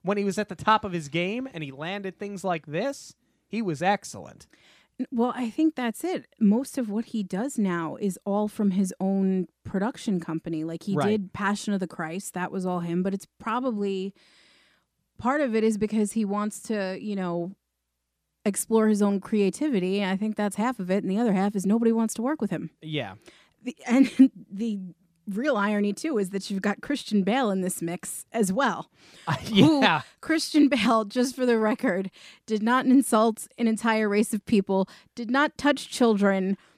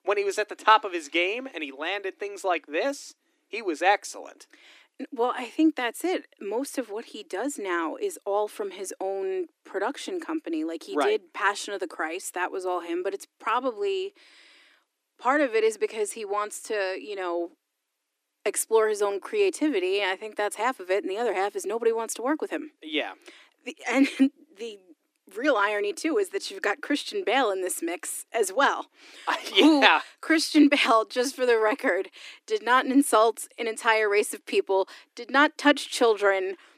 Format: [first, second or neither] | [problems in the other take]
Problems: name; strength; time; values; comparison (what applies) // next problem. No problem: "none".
first | thin; somewhat; fading below 300 Hz